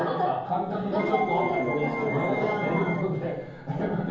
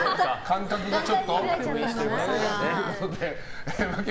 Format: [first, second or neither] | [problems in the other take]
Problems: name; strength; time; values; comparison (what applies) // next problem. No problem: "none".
second | background sound (Keyboard (musical)); 10 dB below the speech // room echo; dies away in 0.7 s